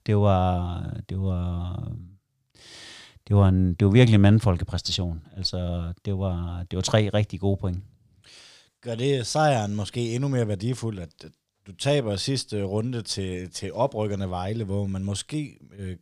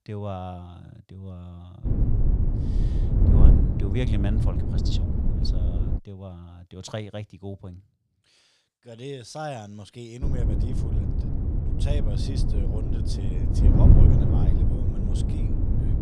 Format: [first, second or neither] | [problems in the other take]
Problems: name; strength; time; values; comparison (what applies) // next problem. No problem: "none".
first | wind noise on the microphone; heavy; from 2 to 6 s and from 10 s on; 2 dB above the speech